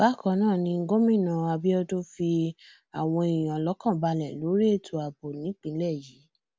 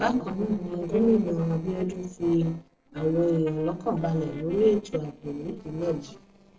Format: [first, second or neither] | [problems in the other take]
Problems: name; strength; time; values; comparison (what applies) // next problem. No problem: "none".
first | noise reduction (neural separator model SepFormer DNS4)